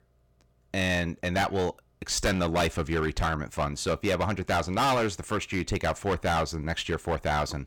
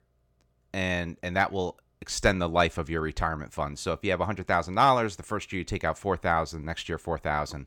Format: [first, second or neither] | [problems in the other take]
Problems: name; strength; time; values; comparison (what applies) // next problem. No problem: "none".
second | distortion; heavy; 11% of the sound clipped